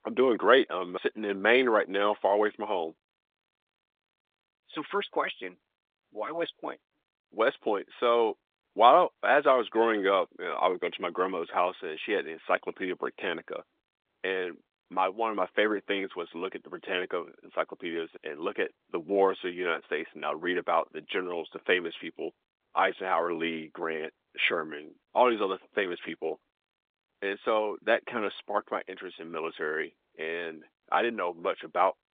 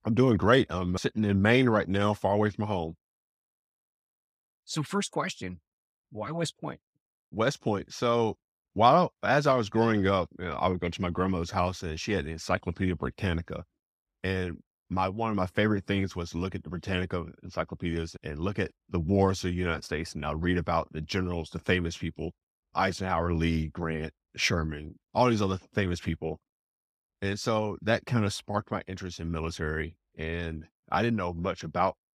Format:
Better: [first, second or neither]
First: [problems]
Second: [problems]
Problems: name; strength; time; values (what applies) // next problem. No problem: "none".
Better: second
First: phone-call audio; nothing above 3.5 kHz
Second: none